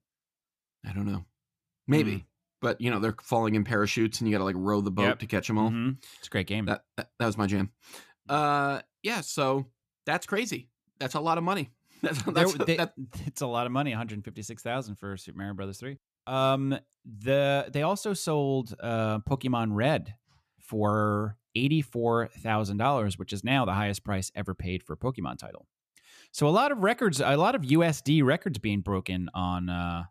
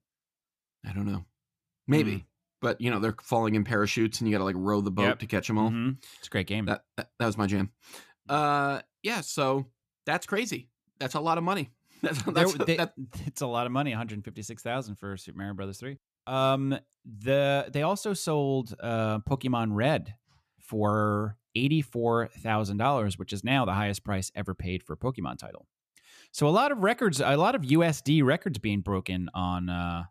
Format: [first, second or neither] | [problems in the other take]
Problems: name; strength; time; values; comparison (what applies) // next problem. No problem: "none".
neither | none